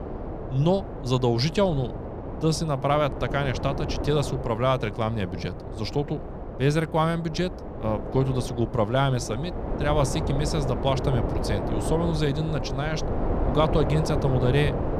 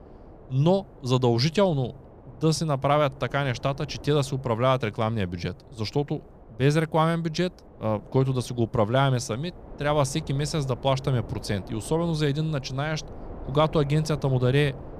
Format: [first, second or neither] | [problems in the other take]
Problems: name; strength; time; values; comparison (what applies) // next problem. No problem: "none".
second | wind noise on the microphone; heavy; 7 dB below the speech; occasional gusts in the second